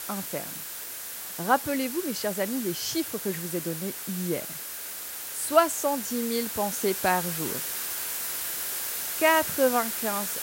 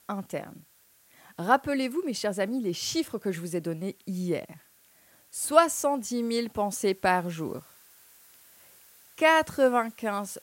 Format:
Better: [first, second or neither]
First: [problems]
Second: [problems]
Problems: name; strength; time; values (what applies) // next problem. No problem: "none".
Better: second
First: hiss; loud; throughout; 4 dB below the speech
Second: hiss; faint; throughout; 30 dB below the speech